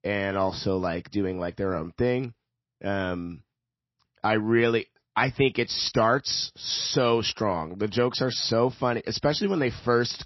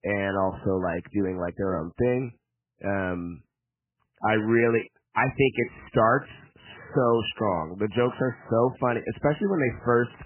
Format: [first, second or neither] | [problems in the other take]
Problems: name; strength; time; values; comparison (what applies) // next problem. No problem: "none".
first | garbled, watery; badly; nothing above 3 kHz; slightly in the first